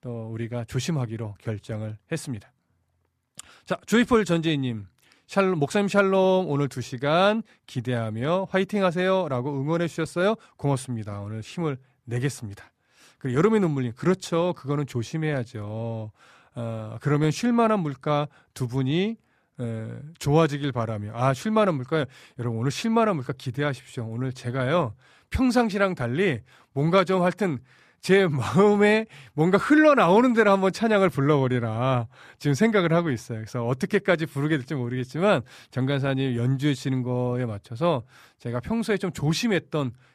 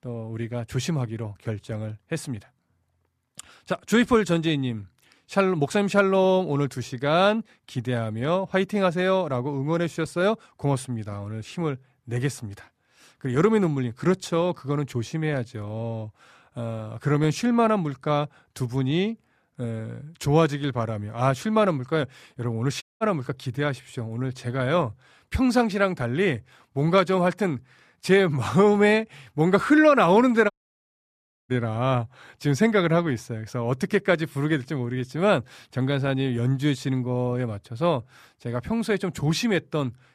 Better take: first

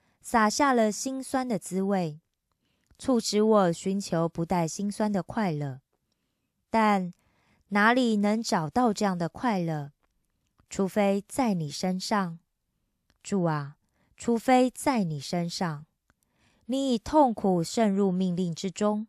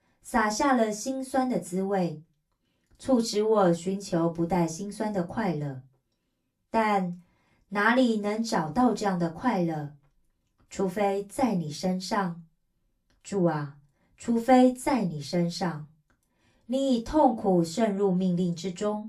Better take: first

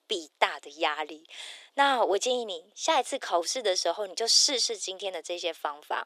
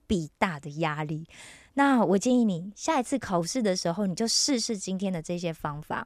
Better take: second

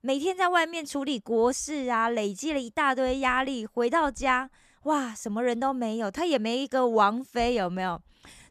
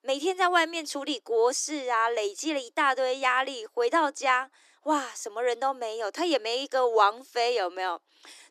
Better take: first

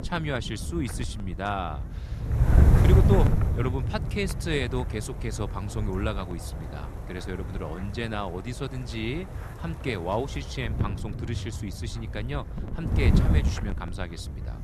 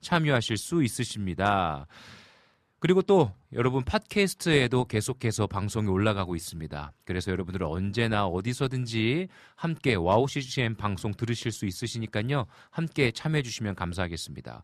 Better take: second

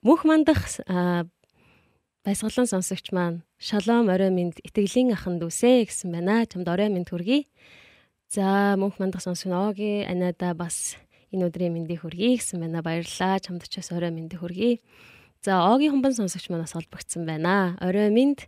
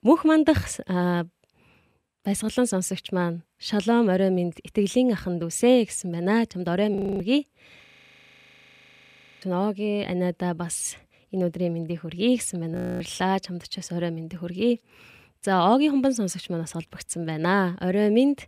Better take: first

